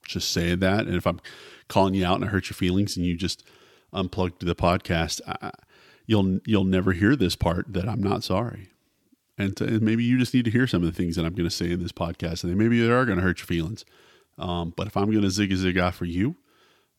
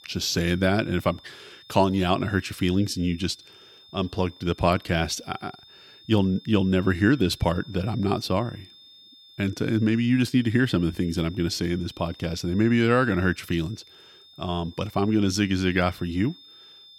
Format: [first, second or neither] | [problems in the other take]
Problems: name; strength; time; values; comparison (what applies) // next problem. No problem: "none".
first | high-pitched whine; faint; throughout; 3.5 kHz, 25 dB below the speech